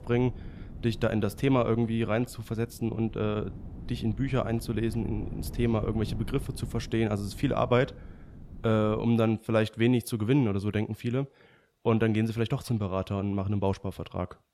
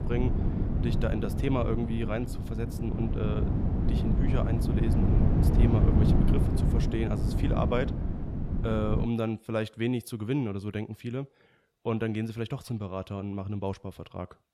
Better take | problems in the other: first | wind noise on the microphone; heavy; until 9 s; 2 dB below the speech; occasional gusts in the first

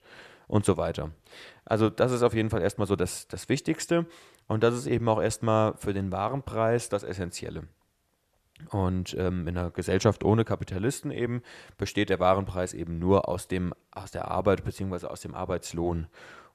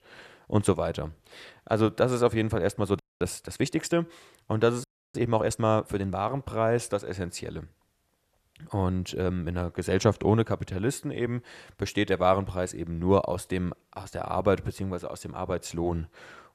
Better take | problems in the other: first | audio freezing; at 3 s and at 5 s

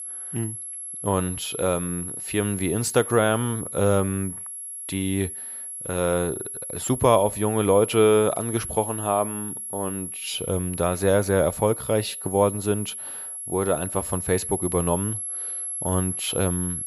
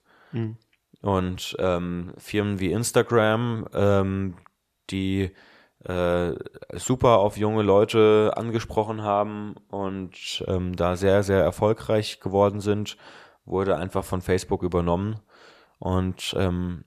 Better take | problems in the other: second | high-pitched whine; loud; throughout; 11 kHz, 6 dB below the speech

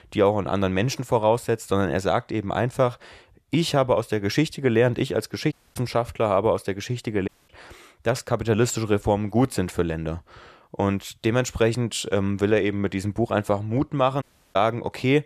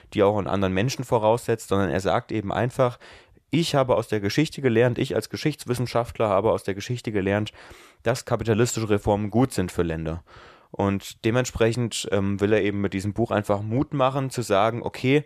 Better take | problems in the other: second | audio cutting out; at 5.5 s, at 7.5 s and at 14 s

